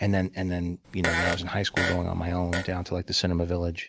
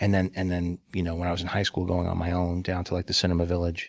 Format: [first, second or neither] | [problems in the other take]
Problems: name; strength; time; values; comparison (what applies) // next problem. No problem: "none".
second | background sound (Fart); 4 dB below the speech